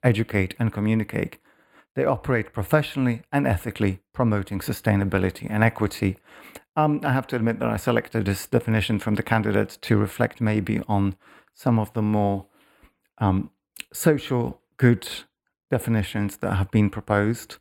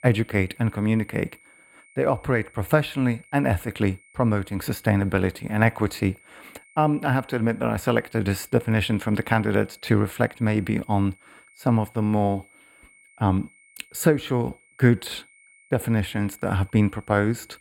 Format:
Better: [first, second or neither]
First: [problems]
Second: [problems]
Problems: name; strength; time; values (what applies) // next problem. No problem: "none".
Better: first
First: none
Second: high-pitched whine; faint; throughout; 2 kHz, 30 dB below the speech